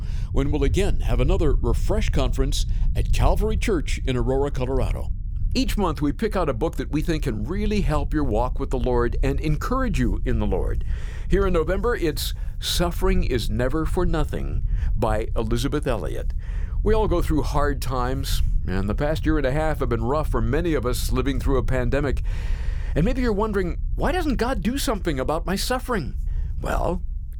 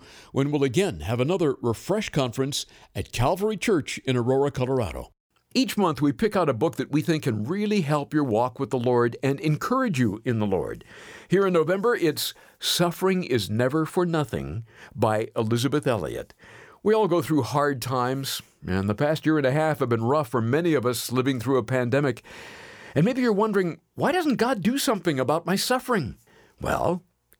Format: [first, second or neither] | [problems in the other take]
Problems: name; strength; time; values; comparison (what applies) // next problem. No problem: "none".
second | low rumble; faint; throughout; 20 dB below the speech